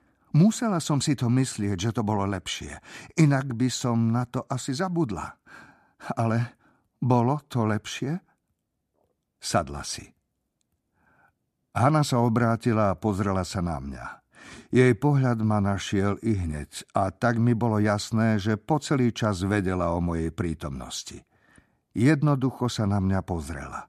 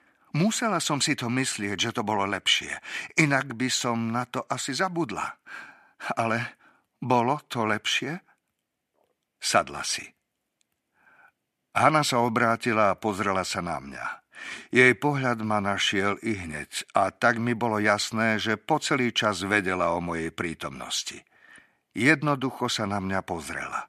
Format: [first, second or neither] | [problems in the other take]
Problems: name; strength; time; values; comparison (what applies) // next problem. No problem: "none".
first | thin; somewhat; fading below 1 kHz